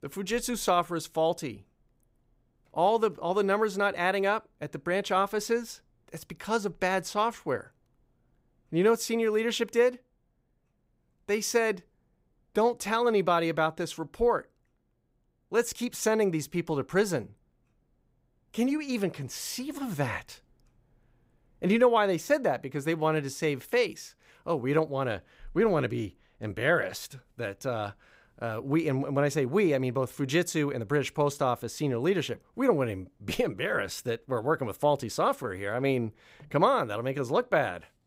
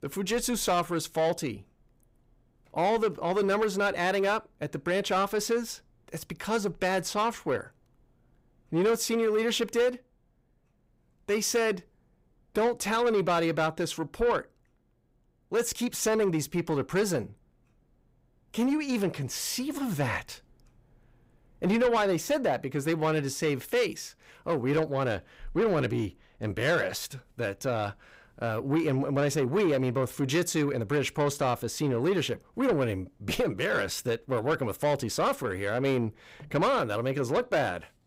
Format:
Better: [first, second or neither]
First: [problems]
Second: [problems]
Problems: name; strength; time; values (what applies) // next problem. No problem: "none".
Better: first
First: none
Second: distortion; slight; 10 dB below the speech